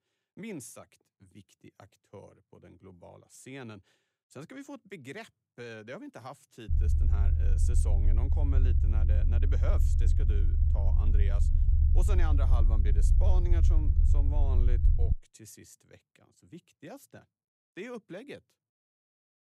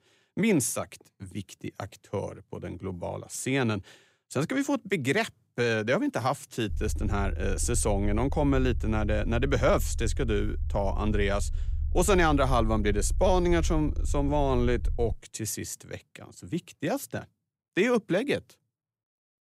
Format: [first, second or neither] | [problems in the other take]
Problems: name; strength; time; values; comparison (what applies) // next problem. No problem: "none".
second | low rumble; loud; from 6.5 to 15 s; 1 dB below the speech; faint in the second